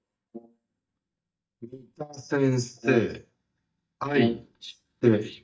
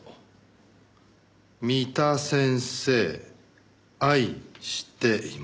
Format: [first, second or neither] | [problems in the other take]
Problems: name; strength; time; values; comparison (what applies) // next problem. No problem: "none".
second | noise reduction (neural mask model DeepFilterNet 3)